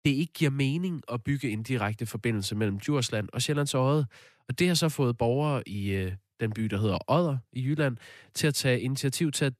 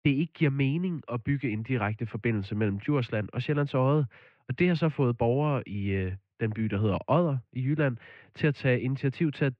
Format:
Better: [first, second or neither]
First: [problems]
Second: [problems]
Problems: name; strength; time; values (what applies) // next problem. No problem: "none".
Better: first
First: none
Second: muffled; very; fading above 2.5 kHz